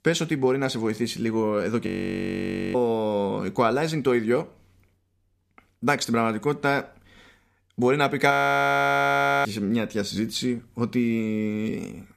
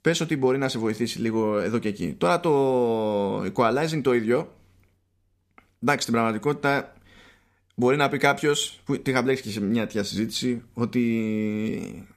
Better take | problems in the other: second | audio freezing; at 2 s for 1 s and at 8.5 s for 1 s

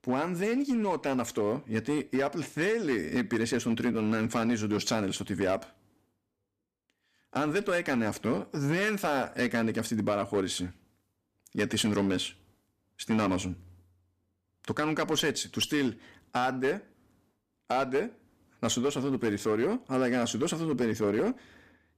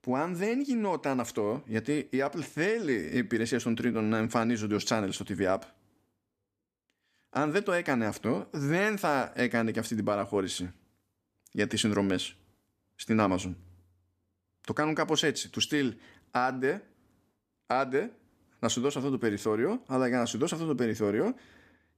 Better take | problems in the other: second | distortion; slight; 6% of the sound clipped

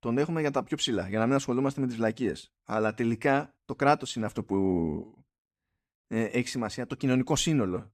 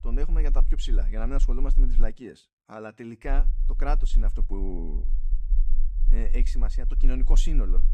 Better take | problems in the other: first | low rumble; noticeable; until 2 s and from 3.5 s on; 15 dB below the speech

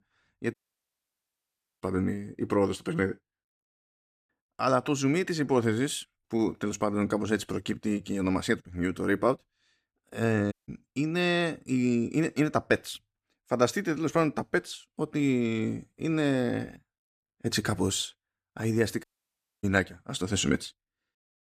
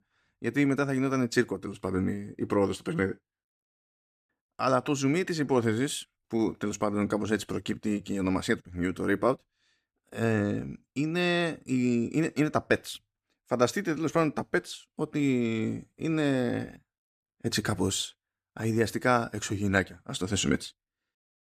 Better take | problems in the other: second | audio cutting out; at 0.5 s for 1.5 s, at 11 s and at 19 s for 0.5 s

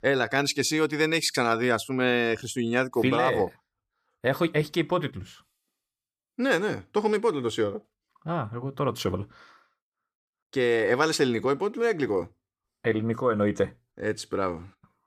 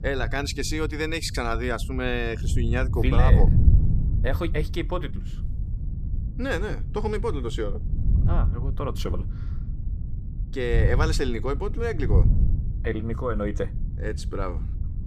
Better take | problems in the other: first | wind noise on the microphone; occasional gusts; 10 dB below the speech

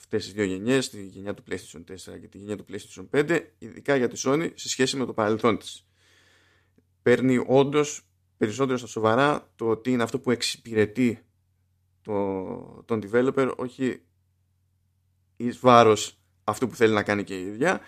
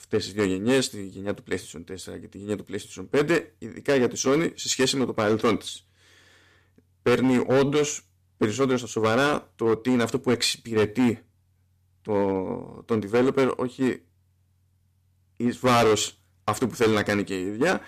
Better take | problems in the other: first | distortion; heavy; 6% of the sound clipped

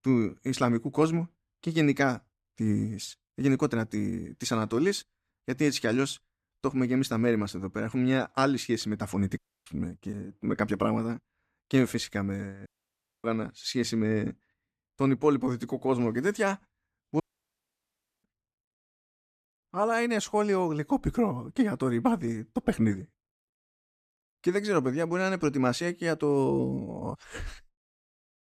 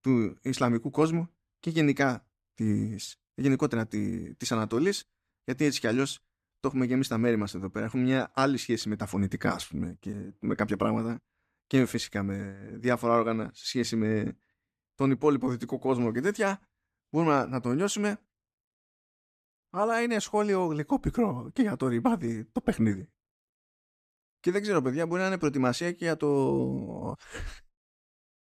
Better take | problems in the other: second | audio cutting out; at 9.5 s, at 13 s for 0.5 s and at 17 s for 1 s

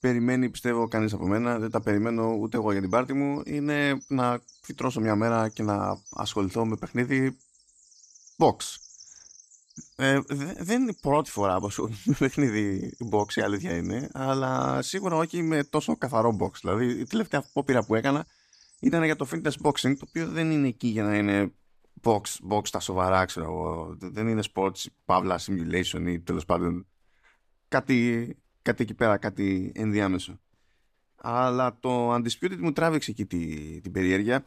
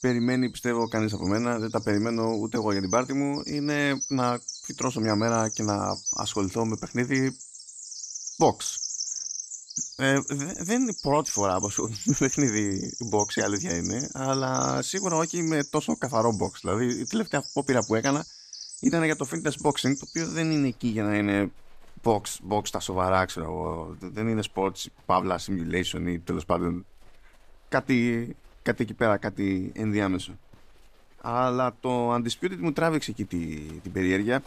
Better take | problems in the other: first | animal sounds; loud; throughout; 7 dB below the speech; faint in the first

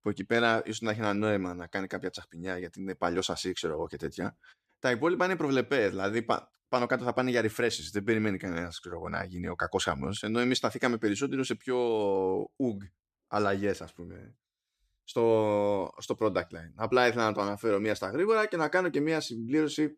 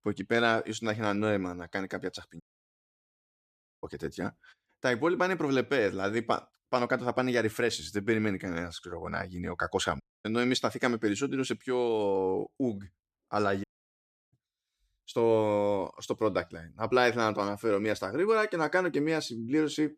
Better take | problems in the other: first | audio cutting out; at 2.5 s for 1.5 s, at 10 s and at 14 s for 0.5 s

